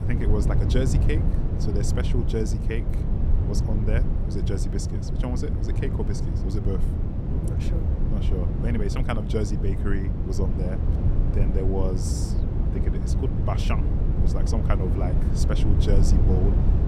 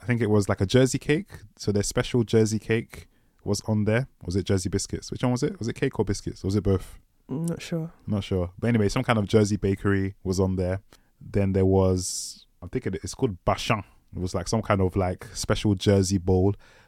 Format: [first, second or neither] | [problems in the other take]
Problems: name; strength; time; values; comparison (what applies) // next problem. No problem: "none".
second | low rumble; loud; throughout; 3 dB below the speech